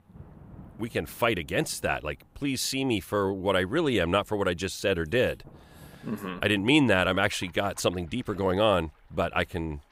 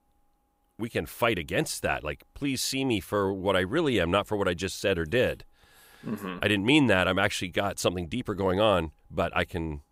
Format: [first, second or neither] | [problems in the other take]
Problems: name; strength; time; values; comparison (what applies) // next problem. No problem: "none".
second | rain or running water; faint; throughout; 25 dB below the speech